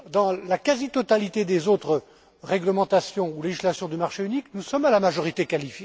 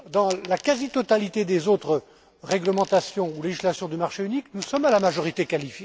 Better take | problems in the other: first | background sound (Coin (dropping)); 19 dB below the speech

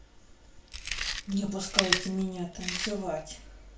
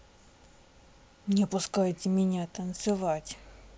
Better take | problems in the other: second | background sound (Chewing, mastication); as loud as the speech // room echo; dies away in 0.4 s

